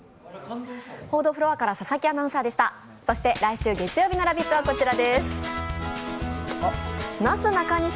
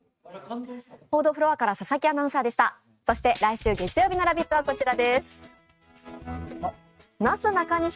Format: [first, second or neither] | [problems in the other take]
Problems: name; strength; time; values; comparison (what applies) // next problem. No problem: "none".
first | noise reduction (neural mask model RNNoise)